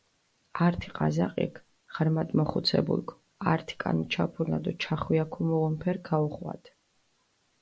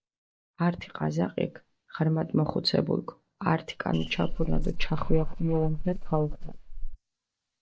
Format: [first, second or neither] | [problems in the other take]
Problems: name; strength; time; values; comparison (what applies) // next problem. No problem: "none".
first | noise reduction (neural mask model DeepFilterNet 3)